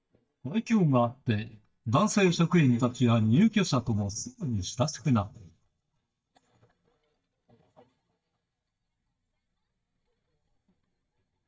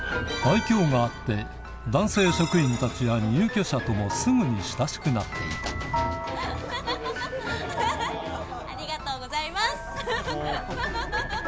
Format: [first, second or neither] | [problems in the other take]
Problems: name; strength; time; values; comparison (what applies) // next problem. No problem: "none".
second | noise reduction (neural mask model DeepFilterNet 3)